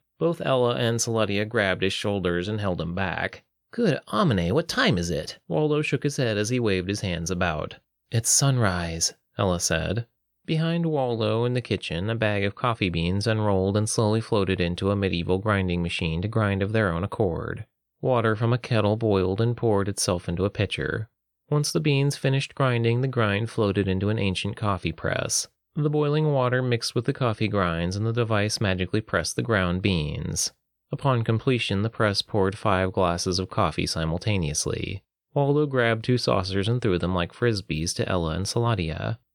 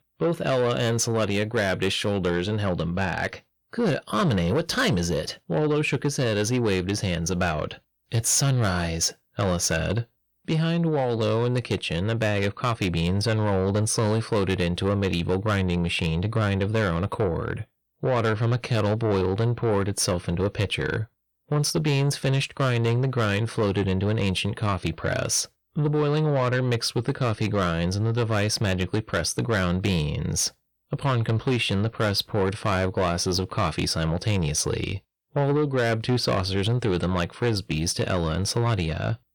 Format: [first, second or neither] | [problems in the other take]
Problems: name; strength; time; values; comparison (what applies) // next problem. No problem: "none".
first | distortion; slight; 10 dB below the speech